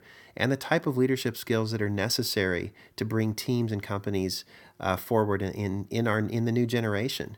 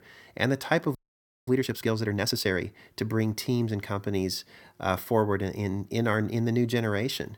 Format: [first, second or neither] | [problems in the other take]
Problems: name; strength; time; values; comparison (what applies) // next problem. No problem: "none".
first | audio freezing; at 1 s for 0.5 s